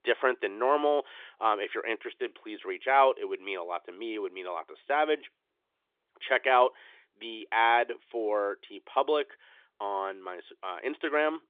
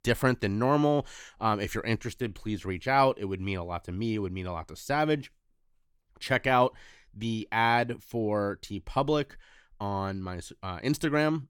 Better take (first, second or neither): second